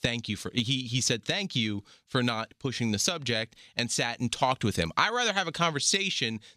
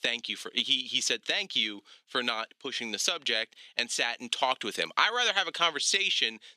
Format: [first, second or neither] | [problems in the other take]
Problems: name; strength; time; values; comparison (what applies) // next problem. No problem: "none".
first | thin; somewhat; fading below 300 Hz